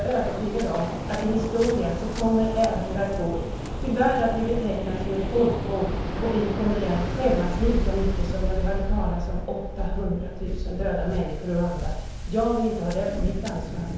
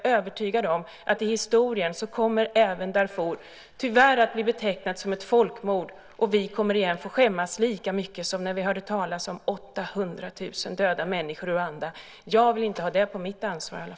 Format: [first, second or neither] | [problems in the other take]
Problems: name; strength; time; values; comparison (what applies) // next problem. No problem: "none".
second | background sound (Waves, surf); 2 dB below the speech // room echo; dies away in 0.9 s